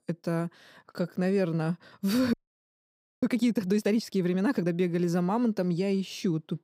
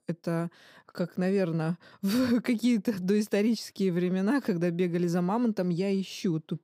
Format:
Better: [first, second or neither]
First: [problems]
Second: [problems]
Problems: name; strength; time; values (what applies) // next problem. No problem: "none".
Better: second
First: audio freezing; at 2.5 s for 1 s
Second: none